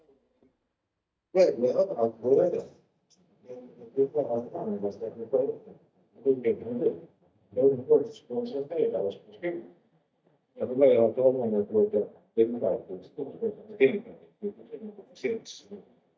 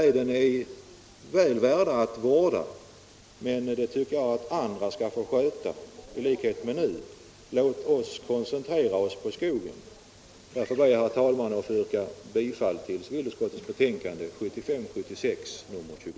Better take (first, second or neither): second